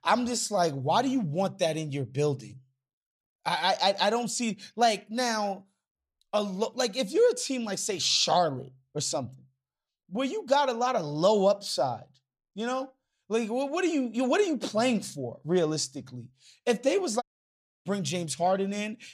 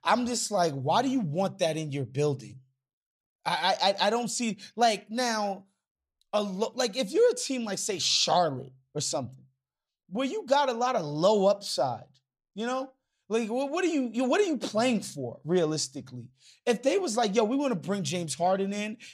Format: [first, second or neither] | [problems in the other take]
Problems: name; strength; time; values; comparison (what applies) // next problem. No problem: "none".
second | audio cutting out; at 17 s for 0.5 s